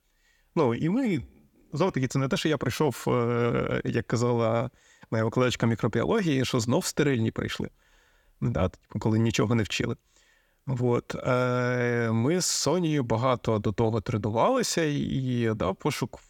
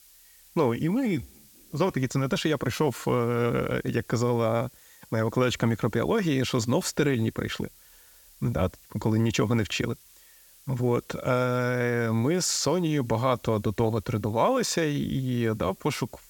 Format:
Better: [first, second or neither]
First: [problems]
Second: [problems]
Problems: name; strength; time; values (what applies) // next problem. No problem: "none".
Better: first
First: none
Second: hiss; faint; throughout; 25 dB below the speech